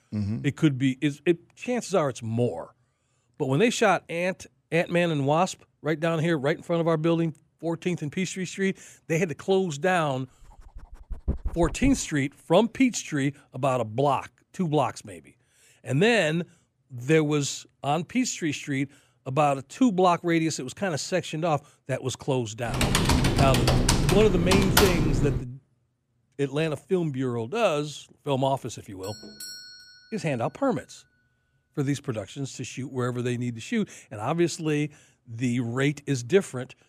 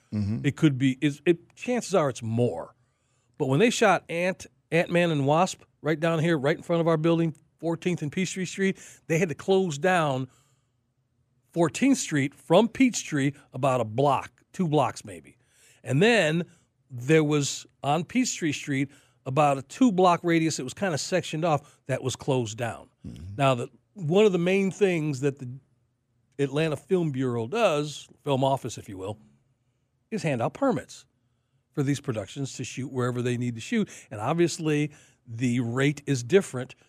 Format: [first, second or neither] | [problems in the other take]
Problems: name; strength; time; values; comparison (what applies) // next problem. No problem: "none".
second | dog barking; noticeable; from 11 to 12 s; peak 6 dB below the speech // keyboard typing; loud; from 23 to 25 s; peak 6 dB above the speech // doorbell; faint; from 29 to 30 s; peak 10 dB below the speech